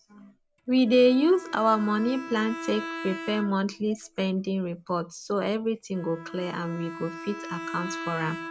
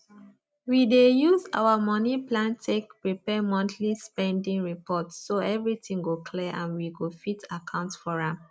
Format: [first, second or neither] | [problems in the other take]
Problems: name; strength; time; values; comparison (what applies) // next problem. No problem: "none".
second | background sound (Bowed string instrument); 13 dB below the speech